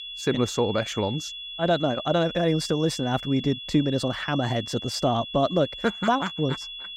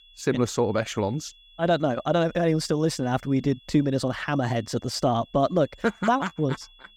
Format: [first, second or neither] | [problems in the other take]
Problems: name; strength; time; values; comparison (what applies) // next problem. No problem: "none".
second | high-pitched whine; loud; throughout; 3.5 kHz, 9 dB below the speech; faint in the second